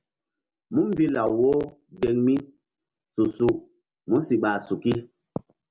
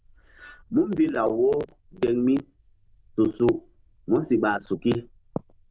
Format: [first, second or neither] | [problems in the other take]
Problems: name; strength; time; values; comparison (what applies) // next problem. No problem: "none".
first | noise reduction (neural diffusion model UNIVERSE++)